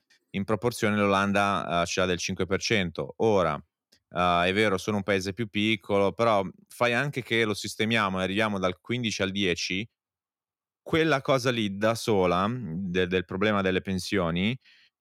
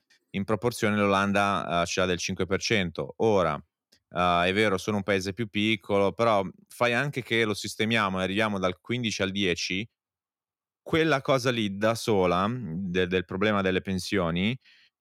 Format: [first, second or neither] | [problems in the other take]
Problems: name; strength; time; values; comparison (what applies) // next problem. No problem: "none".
neither | none